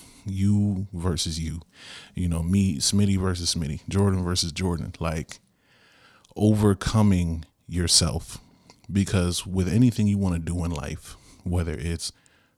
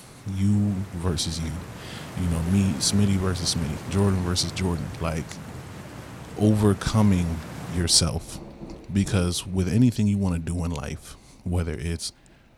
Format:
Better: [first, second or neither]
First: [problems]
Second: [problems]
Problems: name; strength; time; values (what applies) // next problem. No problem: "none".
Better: first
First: none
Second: rain or running water; noticeable; throughout; 15 dB below the speech